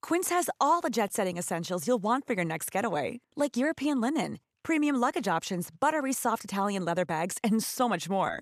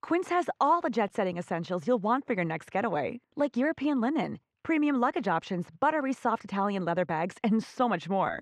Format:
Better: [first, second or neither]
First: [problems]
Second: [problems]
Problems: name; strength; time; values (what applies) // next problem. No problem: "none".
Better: first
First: none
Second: muffled; slightly; fading above 3 kHz